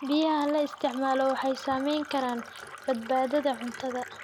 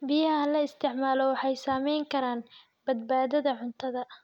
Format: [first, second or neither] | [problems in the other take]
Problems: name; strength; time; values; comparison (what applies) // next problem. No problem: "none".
second | background sound (Fill (with liquid)); 15 dB below the speech